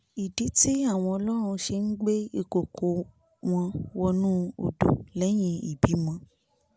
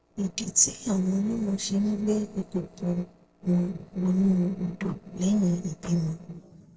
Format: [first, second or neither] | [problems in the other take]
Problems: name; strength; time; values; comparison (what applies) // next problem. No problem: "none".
first | noise reduction (neural separator model SepFormer DNS4)